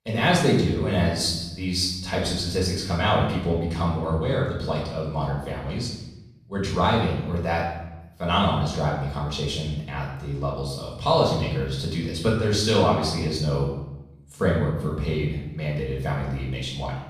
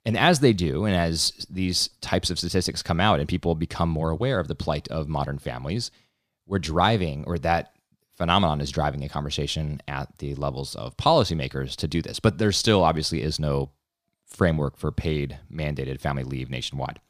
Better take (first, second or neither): second